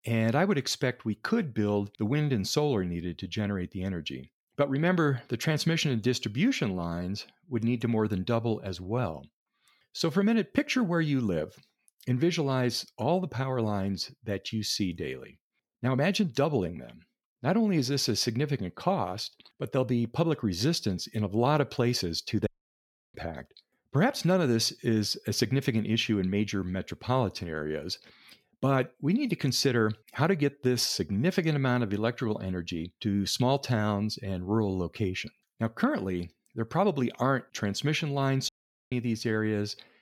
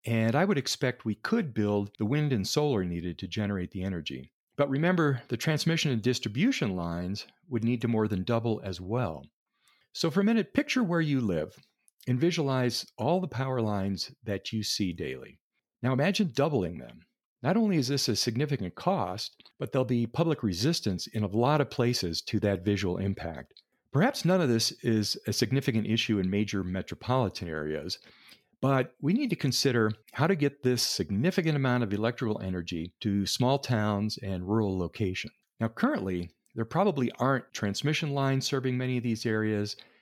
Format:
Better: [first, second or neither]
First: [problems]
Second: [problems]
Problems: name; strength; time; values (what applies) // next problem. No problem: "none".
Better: second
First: audio cutting out; at 22 s for 0.5 s and at 38 s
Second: none